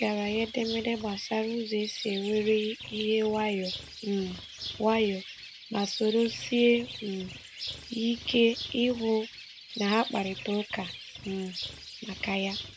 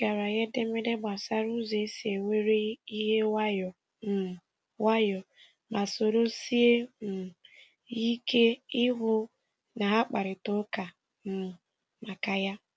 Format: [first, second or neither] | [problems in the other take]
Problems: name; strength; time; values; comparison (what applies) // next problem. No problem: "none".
second | background sound (Coin (dropping) + Bird); 12 dB below the speech